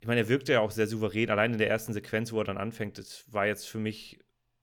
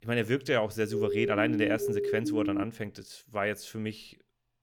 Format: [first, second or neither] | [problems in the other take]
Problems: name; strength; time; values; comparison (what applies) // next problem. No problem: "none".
first | siren; loud; from 1 to 2.5 s; peak 1 dB above the speech